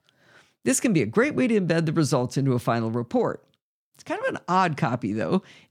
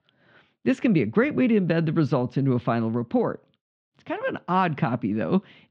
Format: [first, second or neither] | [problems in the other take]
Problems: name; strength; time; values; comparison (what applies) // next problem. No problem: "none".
first | muffled; very; fading above 3.5 kHz